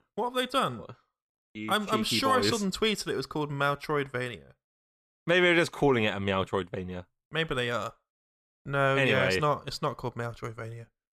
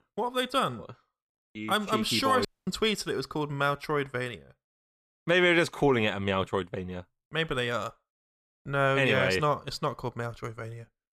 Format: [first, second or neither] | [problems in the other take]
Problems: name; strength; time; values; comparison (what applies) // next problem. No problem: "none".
first | audio cutting out; at 2.5 s